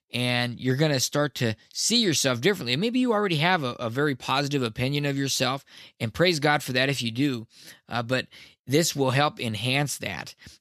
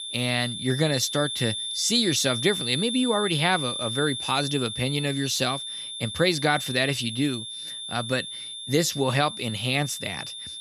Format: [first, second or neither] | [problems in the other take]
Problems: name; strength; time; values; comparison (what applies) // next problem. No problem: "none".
first | high-pitched whine; loud; throughout; 3.5 kHz, 5 dB below the speech